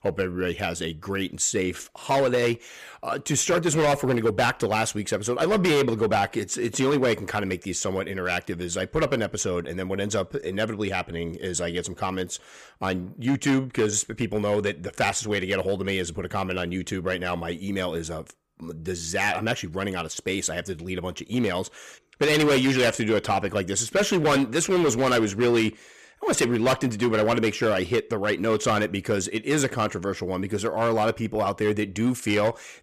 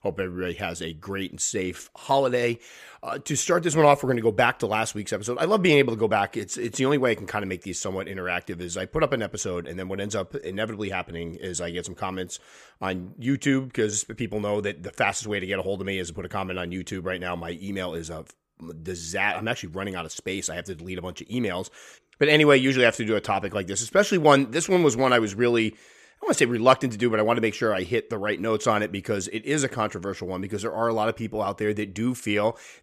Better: second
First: distortion; heavy; 7% of the sound clipped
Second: none

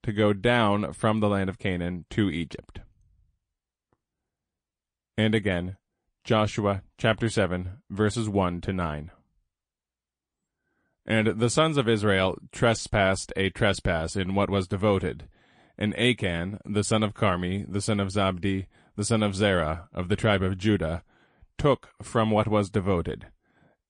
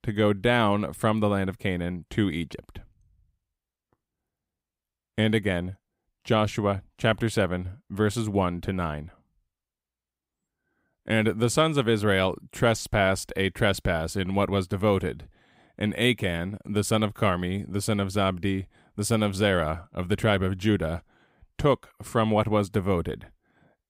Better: second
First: garbled, watery; slightly; nothing above 9.5 kHz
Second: none

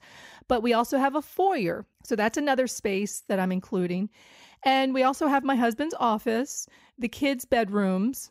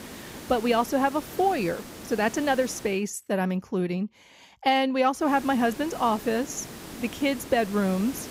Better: first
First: none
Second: hiss; noticeable; until 3 s and from 5.5 s on; 15 dB below the speech

